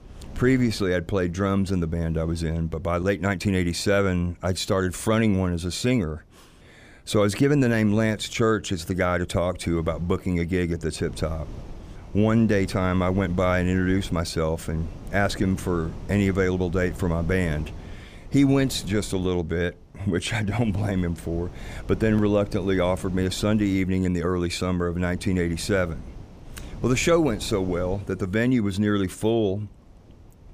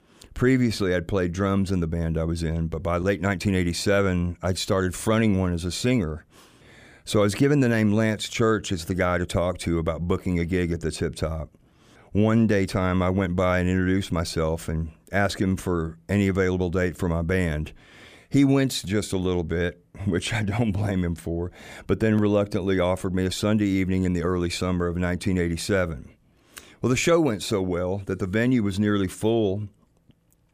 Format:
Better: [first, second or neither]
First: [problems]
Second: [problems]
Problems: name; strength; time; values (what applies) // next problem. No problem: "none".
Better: second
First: wind noise on the microphone; occasional gusts; 20 dB below the speech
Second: none